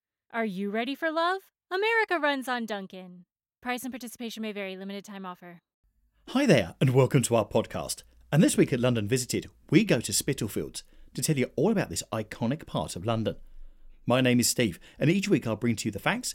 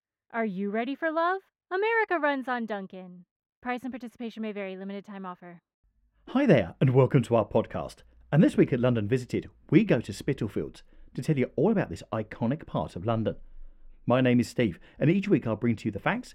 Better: first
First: none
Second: muffled; very; fading above 3.5 kHz

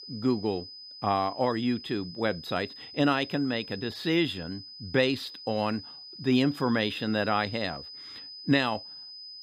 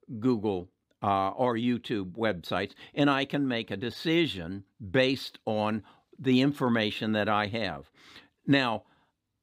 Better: second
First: high-pitched whine; noticeable; throughout; 5 kHz, 15 dB below the speech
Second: none

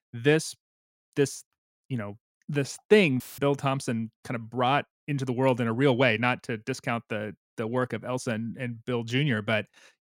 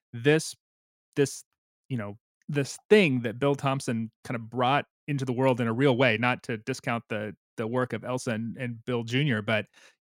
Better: second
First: audio cutting out; filled with static; at 3 s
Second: none

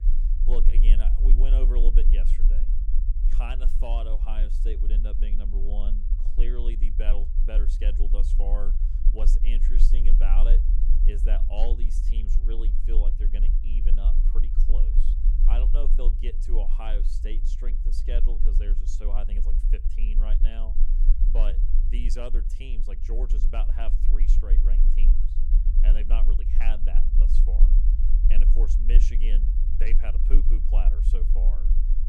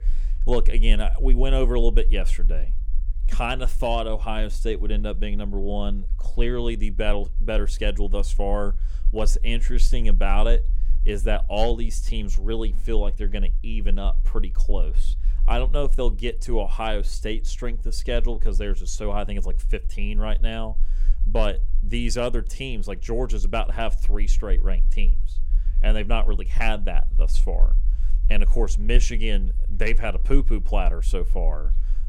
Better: second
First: low rumble; loud; throughout; 8 dB below the speech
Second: low rumble; faint; throughout; 25 dB below the speech

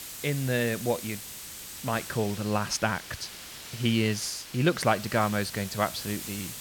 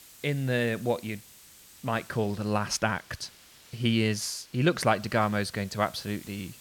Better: second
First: hiss; loud; throughout; 10 dB below the speech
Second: hiss; faint; throughout; 20 dB below the speech

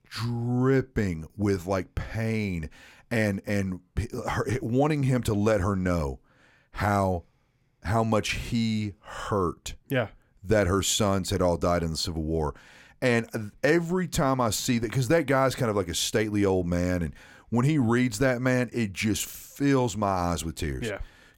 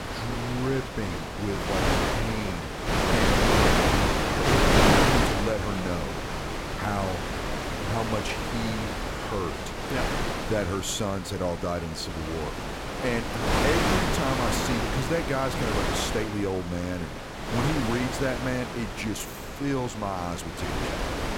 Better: first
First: none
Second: wind noise on the microphone; heavy; 5 dB above the speech

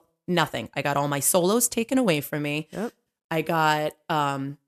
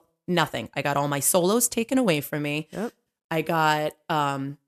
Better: neither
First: none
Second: none

